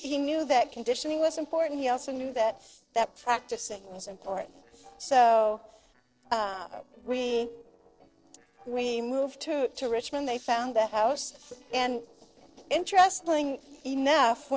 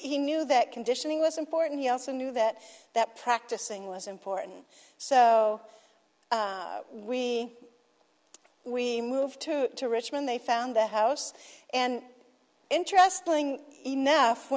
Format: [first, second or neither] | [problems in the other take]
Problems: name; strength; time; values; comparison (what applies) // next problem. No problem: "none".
second | noise reduction (neural separator model SepFormer DNS4)